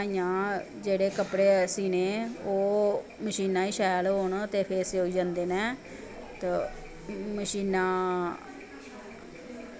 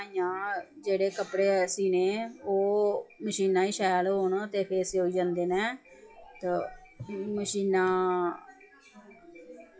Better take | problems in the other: first | noise reduction (classical method WPE with log-MMSE)

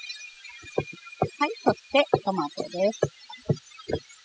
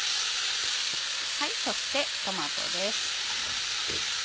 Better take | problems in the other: second | noise reduction (classical method spectral subtraction)

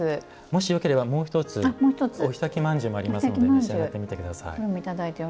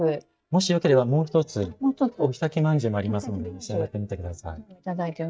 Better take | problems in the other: first | noise reduction (neural mask model DeepFilterNet 3)

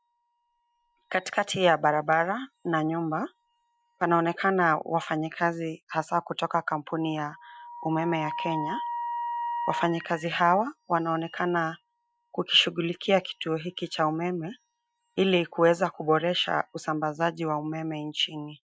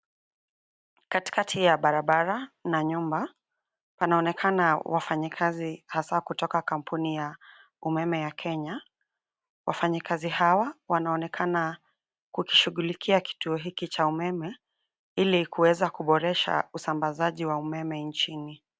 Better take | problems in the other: second | noise reduction (classical method Wiener filter)

